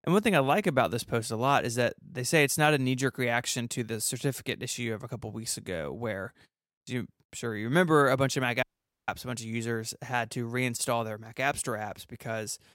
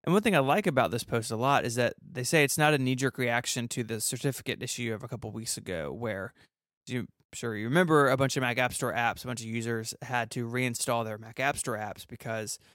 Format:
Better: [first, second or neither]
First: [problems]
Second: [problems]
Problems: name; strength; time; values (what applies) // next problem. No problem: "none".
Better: second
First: audio cutting out; at 8.5 s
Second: none